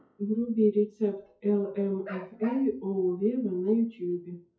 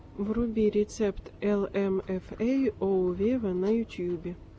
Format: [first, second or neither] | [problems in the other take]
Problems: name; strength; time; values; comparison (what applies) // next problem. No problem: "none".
second | noise reduction (classical method WPE with log-MMSE)